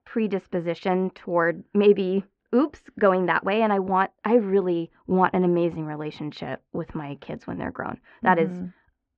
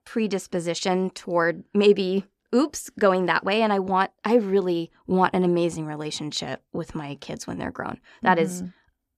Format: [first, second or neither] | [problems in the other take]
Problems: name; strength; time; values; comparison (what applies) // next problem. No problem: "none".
second | muffled; very; fading above 2.5 kHz